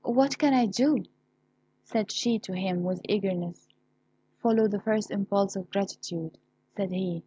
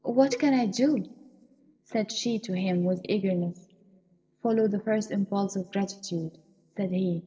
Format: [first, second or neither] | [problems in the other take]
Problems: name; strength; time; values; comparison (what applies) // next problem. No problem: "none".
first | noise reduction (neural separator model SepFormer DNS4)